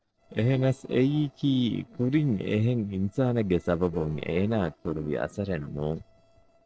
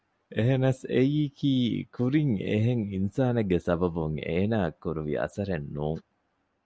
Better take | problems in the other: second | noise reduction (neural separator model SepFormer DNS4)

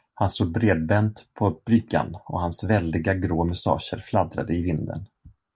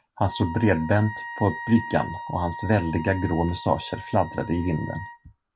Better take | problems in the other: first | background sound (Wind instrument, woodwind instrument); 12 dB below the speech

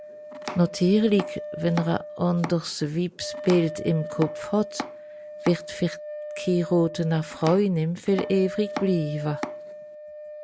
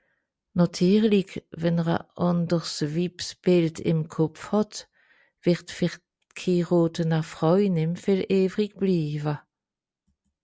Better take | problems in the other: second | background sound (Wind instrument, woodwind instrument + Domestic sounds, home sounds); 11 dB below the speech

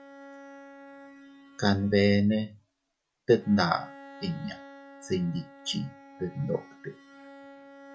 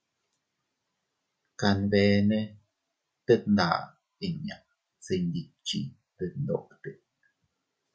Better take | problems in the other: second | background sound (Bowed string instrument); 19 dB below the speech

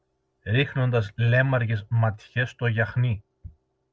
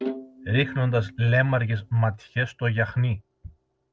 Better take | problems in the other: first | background sound (Bowed string instrument); 13 dB below the speech

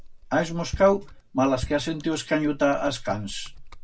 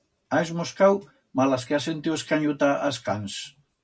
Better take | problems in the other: second | background sound (Computer keyboard + Bass drum); 13 dB below the speech

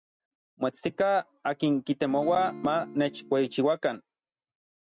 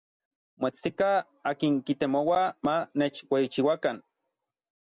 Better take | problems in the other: second | noise reduction (neural mask model RNNoise)

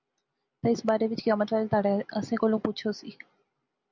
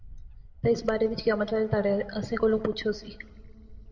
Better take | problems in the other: first | background sound (Wind / Bird); 18 dB below the speech // room echo; dies away in 0.8 s

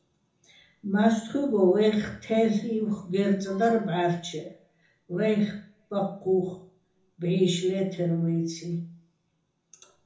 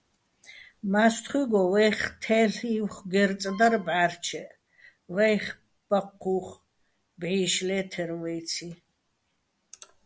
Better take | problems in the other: second | room echo; dies away in 0.6 s

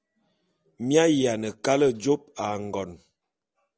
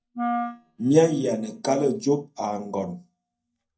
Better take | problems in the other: first | noise reduction (neural mask model DeepFilterNet 3)

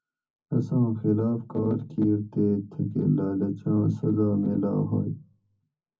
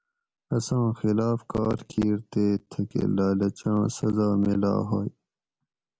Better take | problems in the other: second | room echo; dies away in 0.4 s

